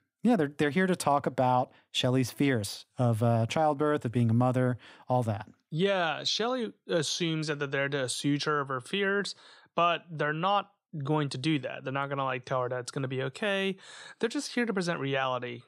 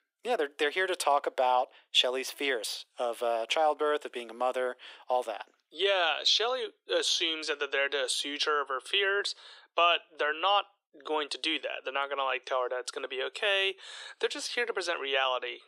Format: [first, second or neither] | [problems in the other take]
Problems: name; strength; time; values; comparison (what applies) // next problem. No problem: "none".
first | thin; very; fading below 350 Hz